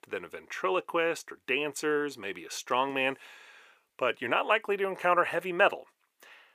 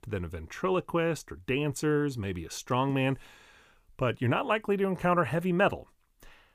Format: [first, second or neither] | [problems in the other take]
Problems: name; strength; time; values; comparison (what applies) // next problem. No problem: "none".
second | thin; somewhat; fading below 450 Hz